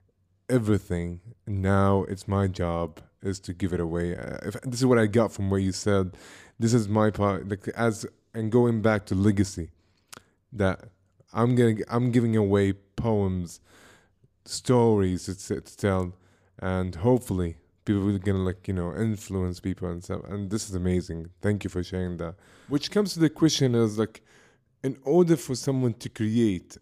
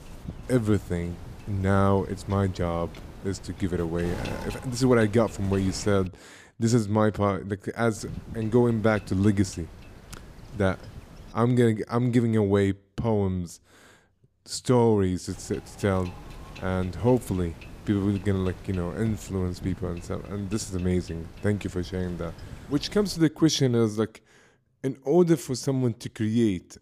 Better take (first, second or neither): first